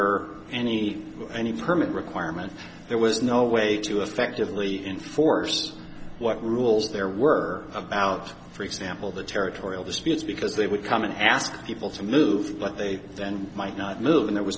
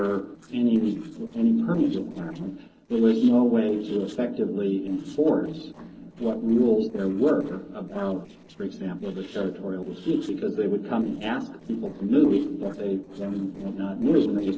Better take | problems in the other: first | noise reduction (neural separator model SepFormer DNS4)

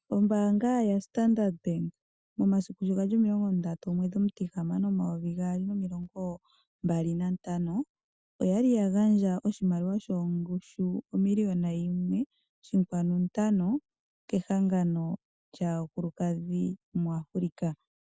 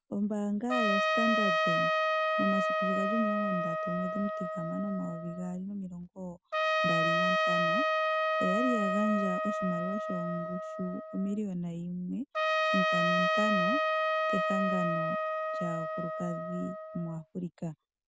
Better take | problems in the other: first | background sound (Trumpet); 4 dB above the speech

